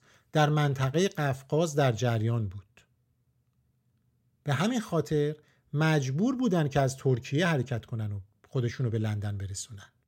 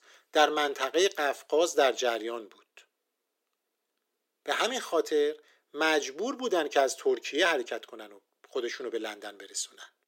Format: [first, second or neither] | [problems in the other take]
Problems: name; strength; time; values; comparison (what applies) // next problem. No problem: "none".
first | thin; very; fading below 350 Hz